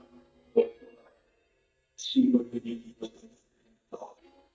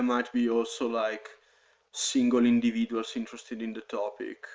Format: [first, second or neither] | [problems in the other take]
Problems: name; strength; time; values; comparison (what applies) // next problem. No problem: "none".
second | noise reduction (neural mask model DeepFilterNet 3)